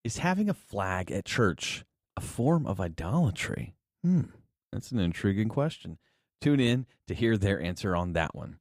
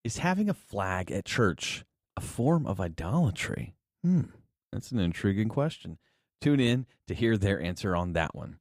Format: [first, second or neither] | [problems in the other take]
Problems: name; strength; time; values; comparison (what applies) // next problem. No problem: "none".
neither | none